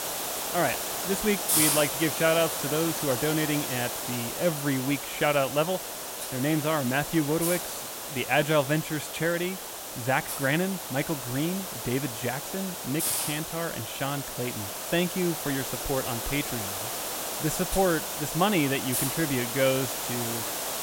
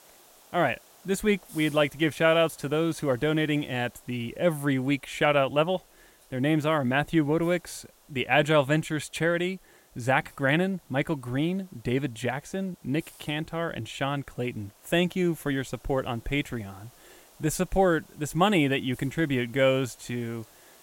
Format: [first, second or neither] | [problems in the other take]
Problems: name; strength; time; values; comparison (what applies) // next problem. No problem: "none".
second | hiss; loud; throughout; 2 dB below the speech; faint in the second